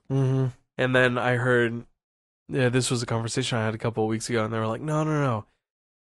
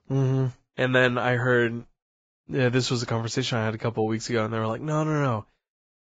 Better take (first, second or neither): first